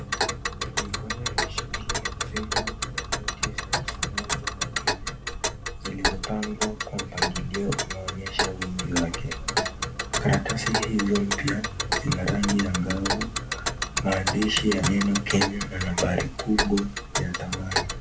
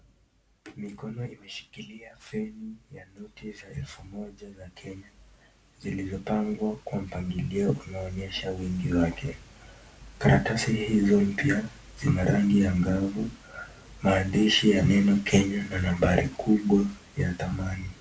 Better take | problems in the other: second | background sound (Tick); as loud as the speech

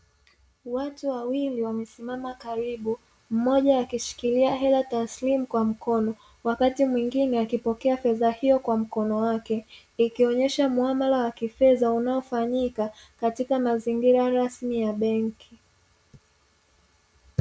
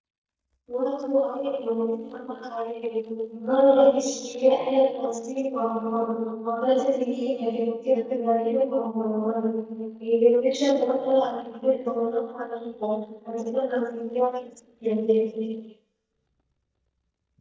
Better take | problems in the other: first | noise reduction (neural mask model DeepFilterNet 3)

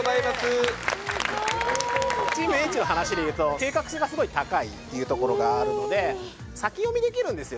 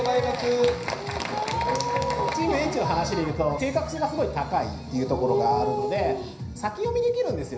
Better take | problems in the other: first | room echo; dies away in 0.5 s

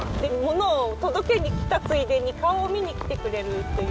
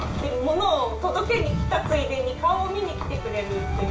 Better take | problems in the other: first | room echo; dies away in 0.4 s

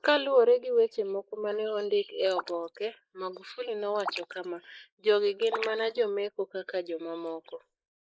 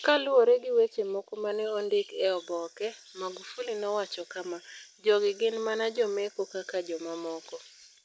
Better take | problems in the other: second | noise reduction (neural mask model Resemble Enhance denoiser)

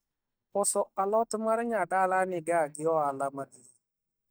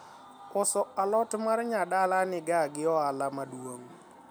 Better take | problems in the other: second | noise reduction (neural mask model DeepFilterNet 3)

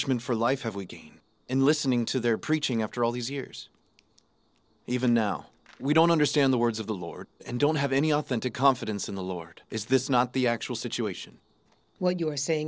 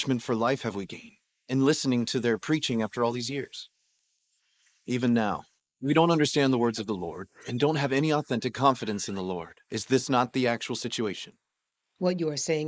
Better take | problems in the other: first | noise reduction (neural mask model Resemble Enhance denoiser)

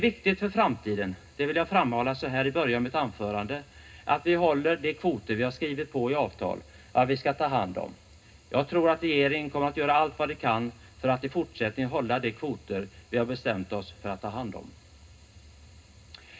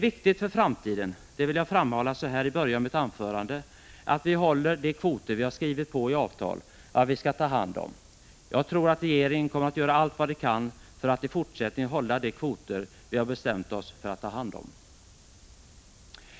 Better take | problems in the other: second | room echo; dies away in 0.2 s

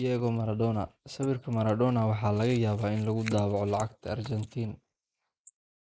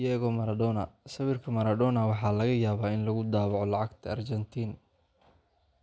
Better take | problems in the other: second | noise reduction (neural mask model Resemble Enhance denoiser)

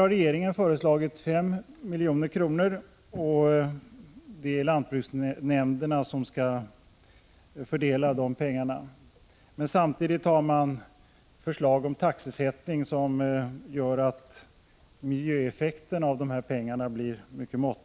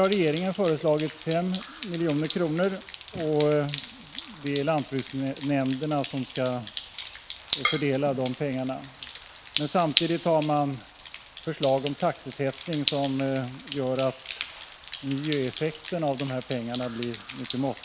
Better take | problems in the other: first | background sound (Drum kit + Drip); 10 dB below the speech

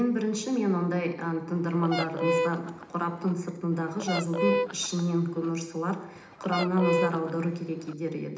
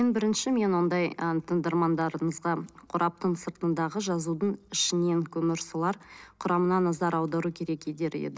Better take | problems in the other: second | background sound (Fowl); 3 dB below the speech // room echo; dies away in 0.8 s

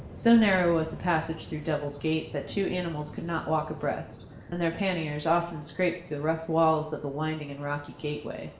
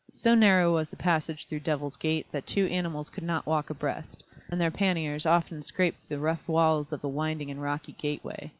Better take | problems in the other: second | background sound (Waves, surf); 17 dB below the speech // room echo; dies away in 0.7 s

